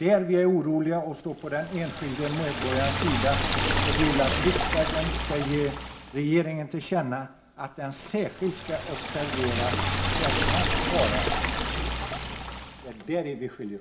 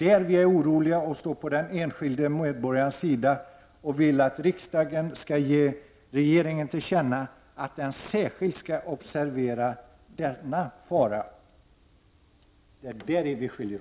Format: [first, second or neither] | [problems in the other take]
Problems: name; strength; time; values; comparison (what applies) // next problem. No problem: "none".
second | background sound (Liquid); 1 dB below the speech // room echo; dies away in 0.5 s